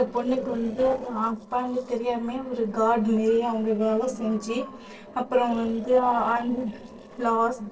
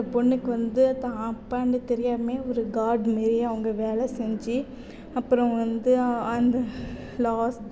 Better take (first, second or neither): second